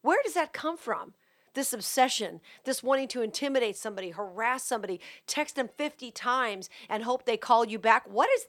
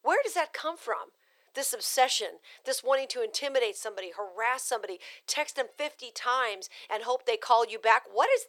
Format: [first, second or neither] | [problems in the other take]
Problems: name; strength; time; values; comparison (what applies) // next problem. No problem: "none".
first | thin; very; fading below 450 Hz